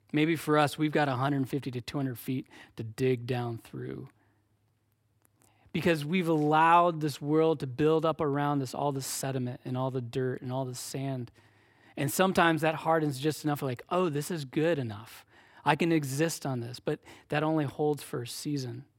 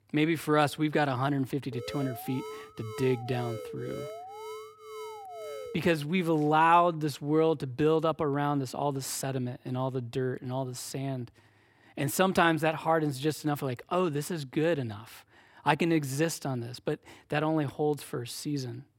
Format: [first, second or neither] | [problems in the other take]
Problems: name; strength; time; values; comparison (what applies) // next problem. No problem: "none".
first | alarm; faint; from 1.5 to 6 s; peak 10 dB below the speech